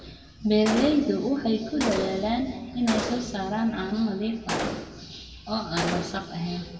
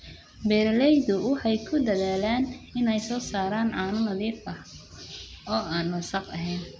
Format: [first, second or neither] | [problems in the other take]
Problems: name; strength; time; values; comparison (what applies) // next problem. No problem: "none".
second | background sound (Gunshot, gunfire); 8 dB below the speech // room echo; dies away in 1.6 s